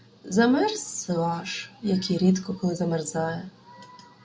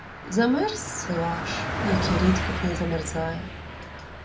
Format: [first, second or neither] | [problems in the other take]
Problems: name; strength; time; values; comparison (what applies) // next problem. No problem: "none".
first | background sound (Car passing by); 3 dB below the speech